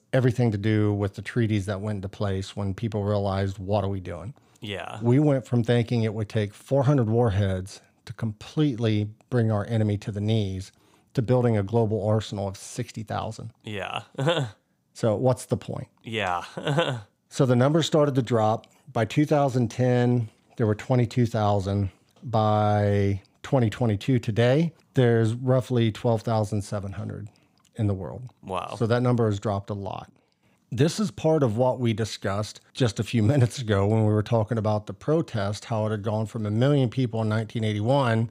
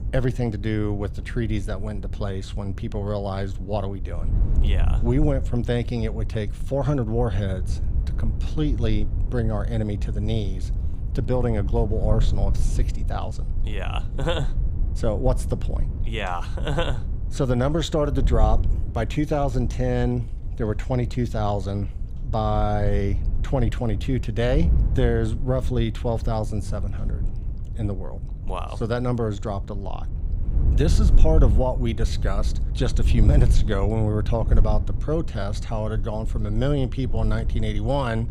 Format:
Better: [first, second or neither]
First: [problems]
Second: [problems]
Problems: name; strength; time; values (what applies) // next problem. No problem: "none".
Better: first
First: none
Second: wind noise on the microphone; occasional gusts; 15 dB below the speech